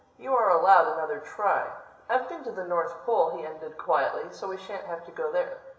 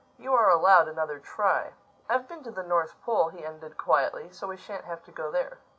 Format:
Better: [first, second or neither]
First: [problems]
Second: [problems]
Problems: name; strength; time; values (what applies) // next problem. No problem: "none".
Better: second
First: room echo; dies away in 1.6 s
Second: none